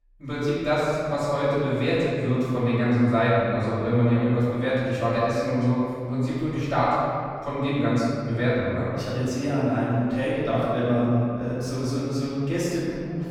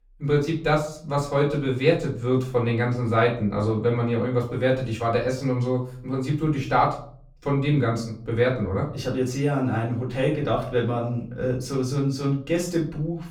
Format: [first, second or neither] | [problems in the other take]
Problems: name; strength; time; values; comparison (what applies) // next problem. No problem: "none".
second | room echo; strong; dies away in 2.1 s; slight in the second // off-mic speech; far; far in the second